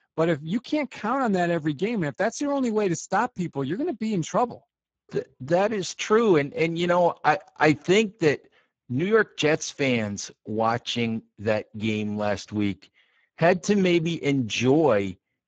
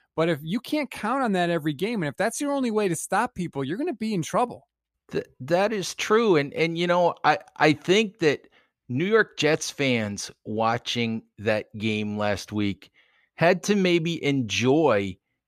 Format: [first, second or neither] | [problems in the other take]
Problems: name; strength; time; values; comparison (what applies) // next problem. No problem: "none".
second | garbled, watery; badly